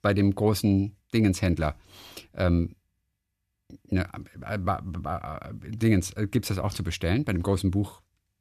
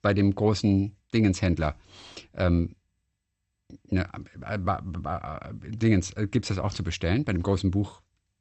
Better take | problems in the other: first | garbled, watery; slightly; nothing above 8 kHz

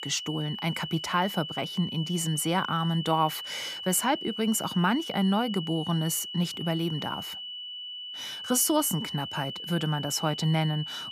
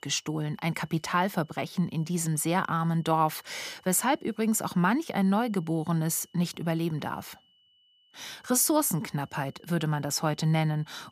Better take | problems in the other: second | high-pitched whine; loud; throughout; 3 kHz, 8 dB below the speech; faint in the second

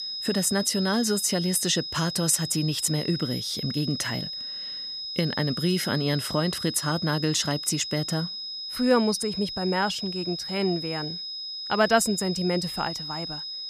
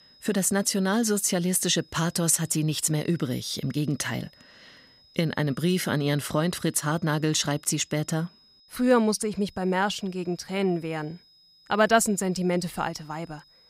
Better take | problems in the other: second | high-pitched whine; loud; throughout; 5 kHz, 6 dB below the speech; faint in the second

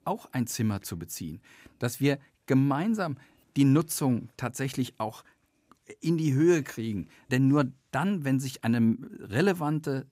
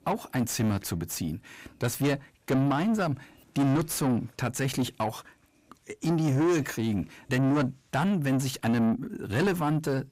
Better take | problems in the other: first | distortion; heavy; 7 dB below the speech

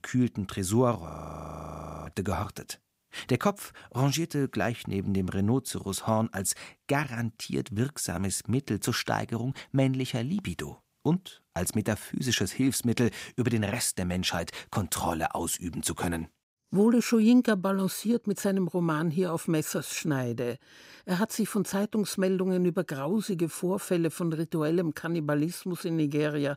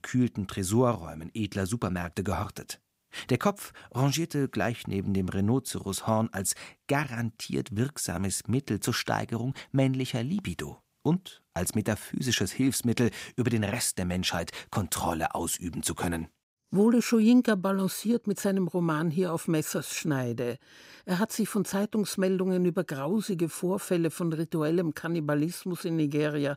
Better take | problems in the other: second | audio freezing; at 1 s for 1 s

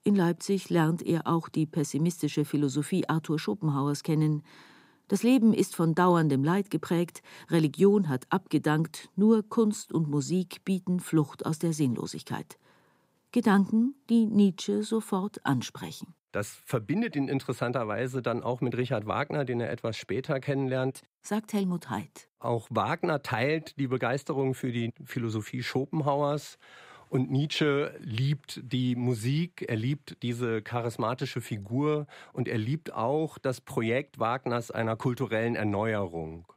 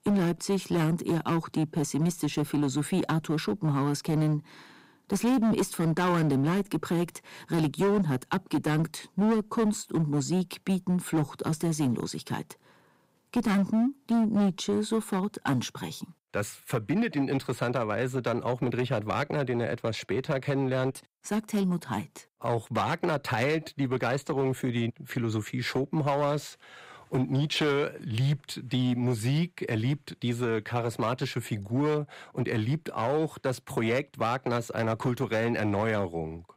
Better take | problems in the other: first | distortion; slight; 9% of the sound clipped

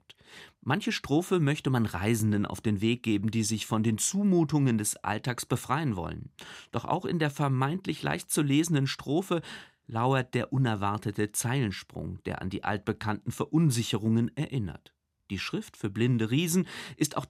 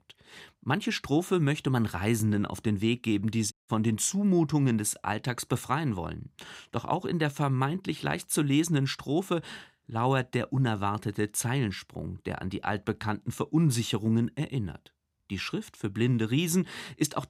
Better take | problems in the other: first | audio cutting out; at 3.5 s

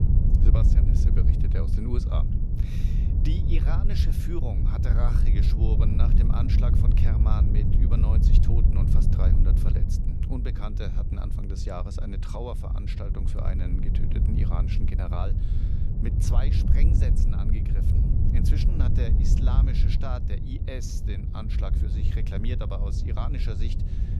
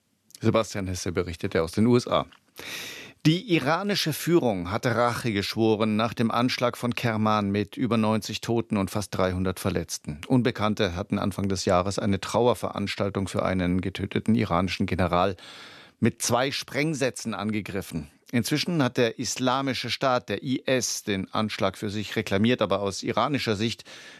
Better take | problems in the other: second | wind noise on the microphone; heavy; as loud as the speech

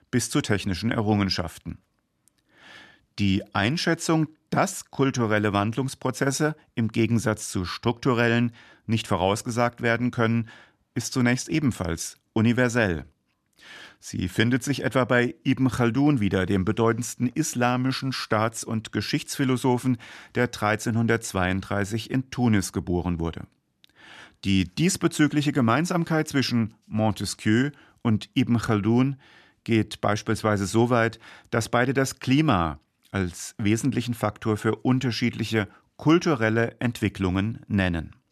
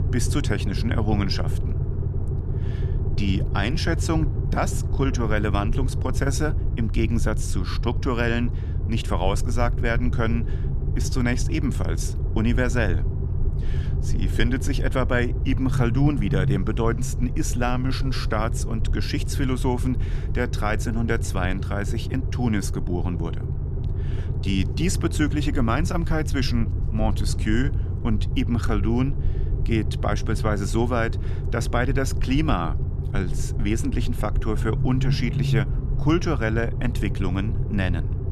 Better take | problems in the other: first | low rumble; noticeable; throughout; 10 dB below the speech

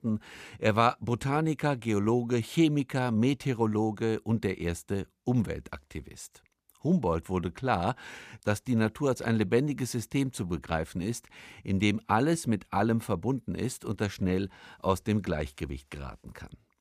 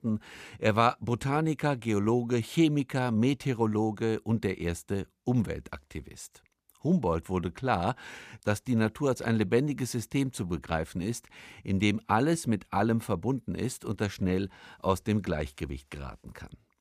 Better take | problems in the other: neither | none

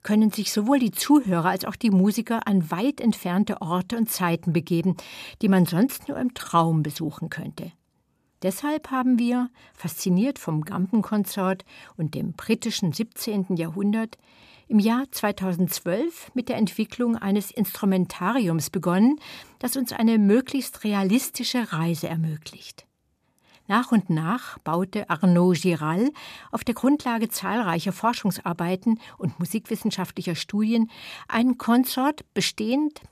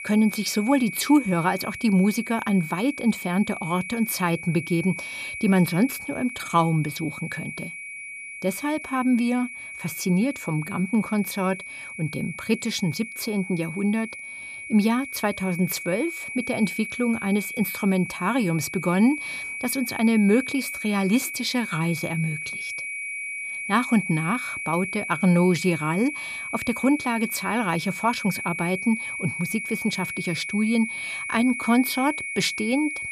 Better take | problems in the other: first | high-pitched whine; loud; throughout; 2.5 kHz, 7 dB below the speech

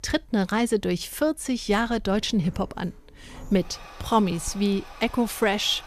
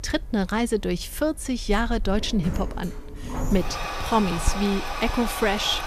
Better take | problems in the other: first | household noises; loud; throughout; 6 dB below the speech; faint in the first

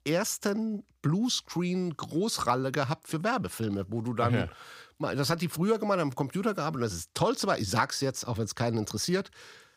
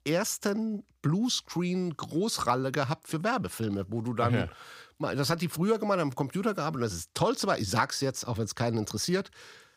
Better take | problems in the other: neither | none

